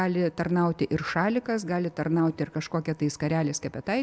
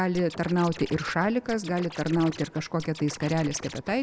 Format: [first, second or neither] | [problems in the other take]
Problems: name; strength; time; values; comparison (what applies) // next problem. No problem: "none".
first | background sound (Scratching (performance technique)); 15 dB below the speech